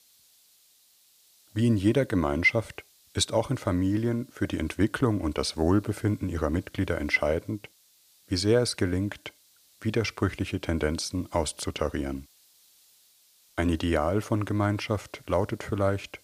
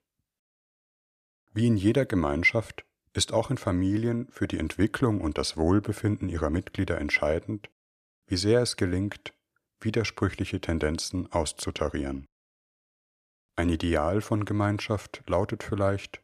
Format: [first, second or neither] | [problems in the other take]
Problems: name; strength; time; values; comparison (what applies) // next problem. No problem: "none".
second | hiss; faint; throughout; 30 dB below the speech